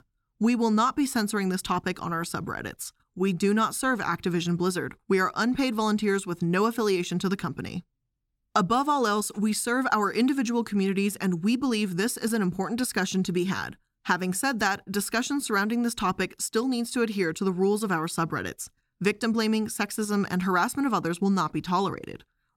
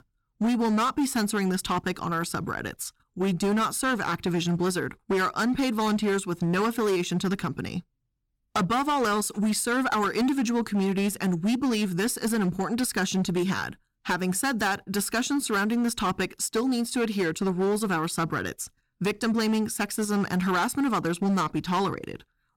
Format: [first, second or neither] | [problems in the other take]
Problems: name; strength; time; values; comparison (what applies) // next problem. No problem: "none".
first | distortion; slight; 13% of the sound clipped